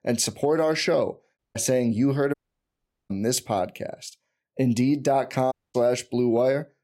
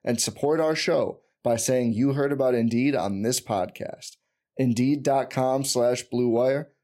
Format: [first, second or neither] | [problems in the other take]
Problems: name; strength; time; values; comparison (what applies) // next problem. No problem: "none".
second | audio cutting out; at 1.5 s, at 2.5 s for 1 s and at 5.5 s